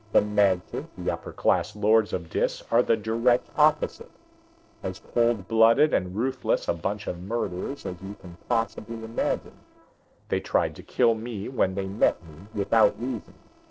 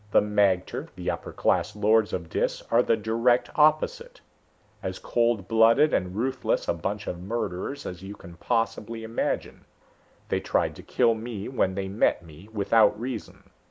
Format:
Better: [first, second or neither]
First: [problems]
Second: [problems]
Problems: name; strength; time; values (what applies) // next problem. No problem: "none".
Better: second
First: noise reduction (neural separator model SepFormer DNS4)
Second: none